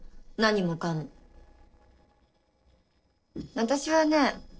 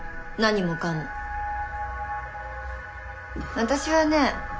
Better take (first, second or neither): second